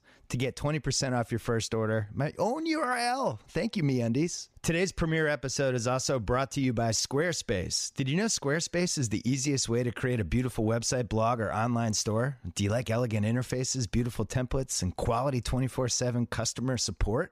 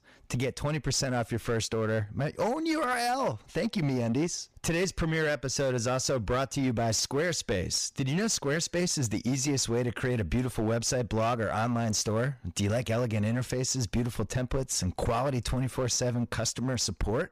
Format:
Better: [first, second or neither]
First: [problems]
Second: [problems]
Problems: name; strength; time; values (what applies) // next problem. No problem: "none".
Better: first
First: none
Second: distortion; slight; 10% of the sound clipped